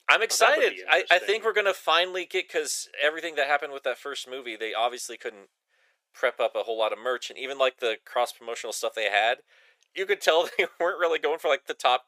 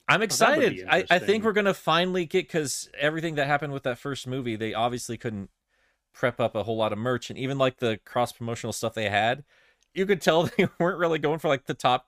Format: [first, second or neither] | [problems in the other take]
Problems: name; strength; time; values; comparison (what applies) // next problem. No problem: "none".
second | thin; very; fading below 450 Hz